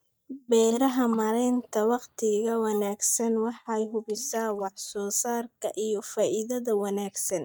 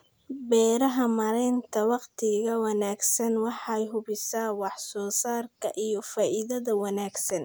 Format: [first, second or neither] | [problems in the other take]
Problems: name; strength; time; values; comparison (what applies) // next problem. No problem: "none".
second | noise reduction (neural mask model DeepFilterNet 3)